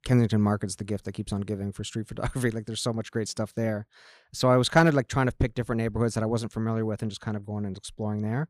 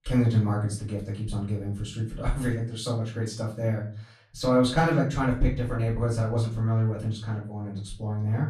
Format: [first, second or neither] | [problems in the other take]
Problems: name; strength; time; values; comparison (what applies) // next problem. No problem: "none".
first | room echo; slight; dies away in 0.4 s // off-mic speech; far